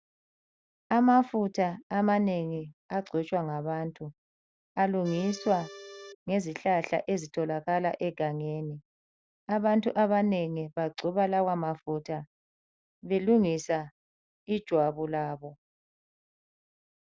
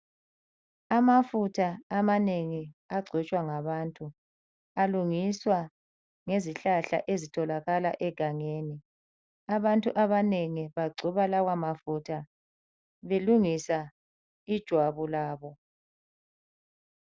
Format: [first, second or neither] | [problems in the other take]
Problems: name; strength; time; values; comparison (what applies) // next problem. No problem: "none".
second | background sound (Accordion + Telephone); 15 dB below the speech